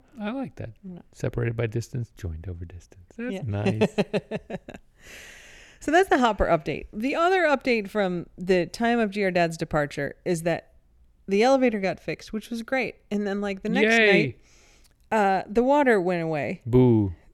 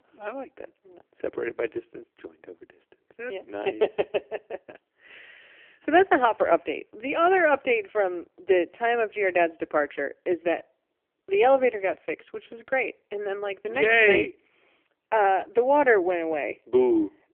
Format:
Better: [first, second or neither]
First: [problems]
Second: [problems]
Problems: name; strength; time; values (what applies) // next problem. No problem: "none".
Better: first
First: none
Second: phone-call audio; poor line